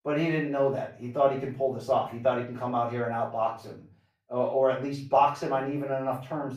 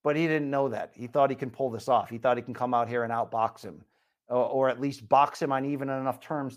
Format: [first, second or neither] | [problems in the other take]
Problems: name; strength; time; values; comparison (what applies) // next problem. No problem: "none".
second | off-mic speech; far // room echo; slight; dies away in 0.4 s